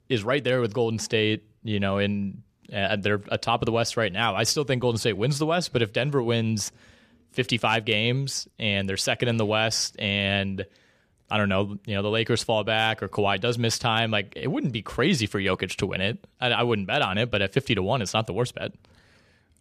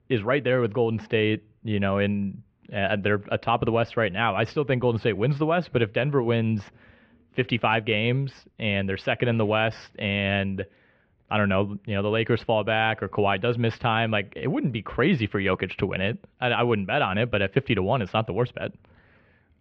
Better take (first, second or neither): first